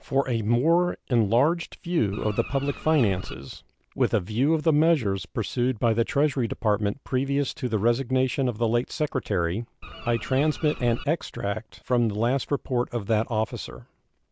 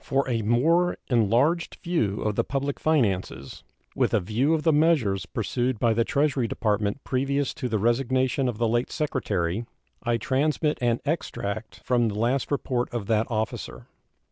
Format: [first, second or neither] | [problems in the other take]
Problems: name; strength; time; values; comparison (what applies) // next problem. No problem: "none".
second | background sound (Bird); 12 dB below the speech